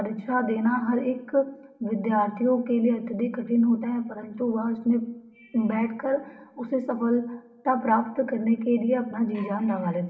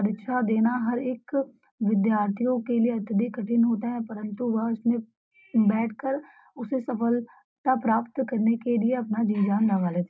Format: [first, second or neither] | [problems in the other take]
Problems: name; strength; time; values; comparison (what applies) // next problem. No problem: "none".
second | room echo; dies away in 0.8 s